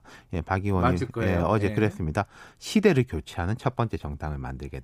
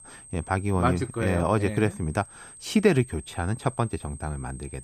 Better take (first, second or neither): first